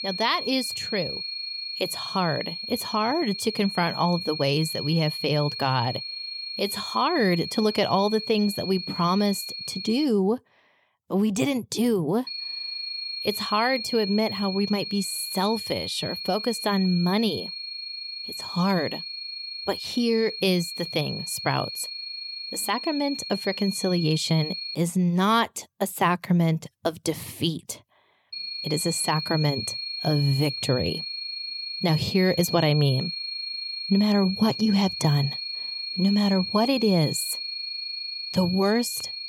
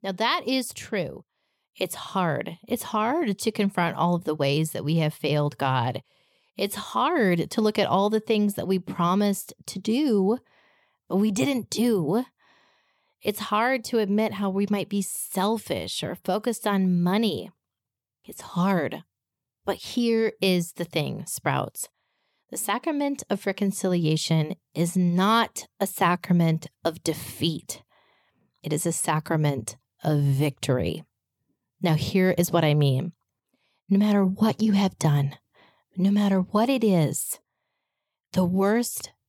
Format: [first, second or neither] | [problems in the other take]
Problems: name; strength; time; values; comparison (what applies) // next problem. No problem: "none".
second | high-pitched whine; loud; until 10 s, from 12 to 25 s and from 28 s on; 4.5 kHz, 6 dB below the speech